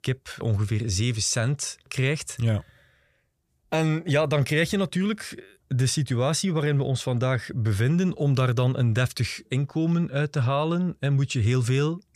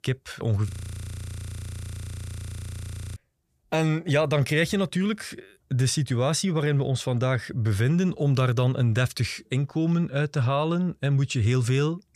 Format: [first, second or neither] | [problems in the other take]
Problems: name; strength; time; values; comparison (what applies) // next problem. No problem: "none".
first | audio freezing; at 0.5 s for 2.5 s